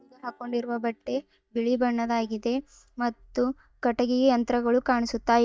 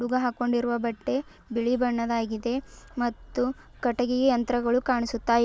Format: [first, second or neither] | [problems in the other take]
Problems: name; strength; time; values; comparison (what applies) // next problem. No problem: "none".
second | noise reduction (neural mask model DeepFilterNet 3)